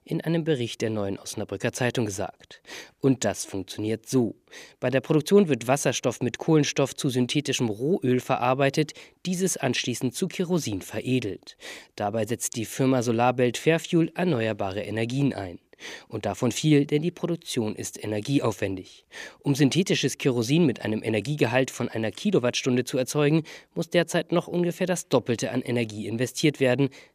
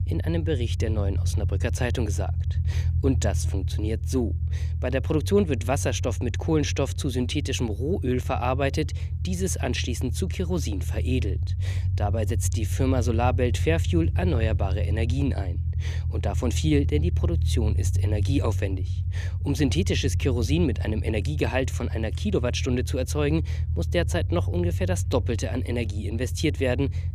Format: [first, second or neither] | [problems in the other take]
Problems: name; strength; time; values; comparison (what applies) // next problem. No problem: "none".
first | low rumble; noticeable; throughout; 15 dB below the speech